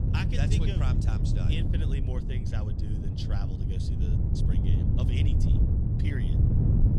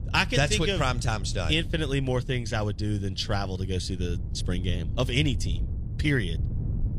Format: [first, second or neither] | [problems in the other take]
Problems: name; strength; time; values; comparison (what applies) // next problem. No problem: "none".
second | wind noise on the microphone; heavy; 2 dB above the speech; occasional gusts in the second